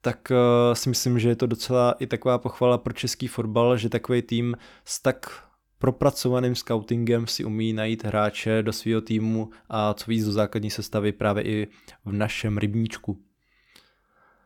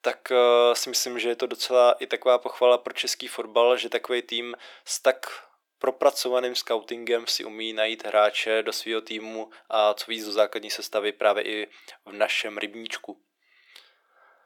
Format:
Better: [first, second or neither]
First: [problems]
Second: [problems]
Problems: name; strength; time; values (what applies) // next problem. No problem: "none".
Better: first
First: none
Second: thin; very; fading below 400 Hz